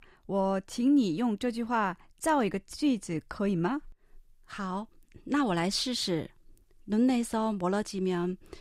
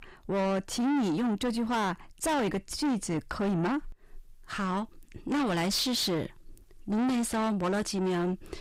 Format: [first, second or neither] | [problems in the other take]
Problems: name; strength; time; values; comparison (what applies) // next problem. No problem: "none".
first | distortion; heavy; 7 dB below the speech